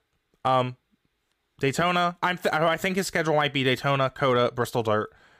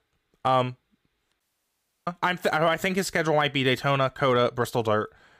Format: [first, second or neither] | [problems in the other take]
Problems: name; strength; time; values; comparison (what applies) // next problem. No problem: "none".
first | audio cutting out; at 1.5 s for 0.5 s